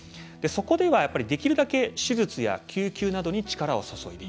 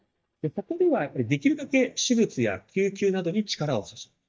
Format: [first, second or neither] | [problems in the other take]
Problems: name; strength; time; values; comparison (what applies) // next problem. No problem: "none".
first | noise reduction (neural mask model DeepFilterNet 3)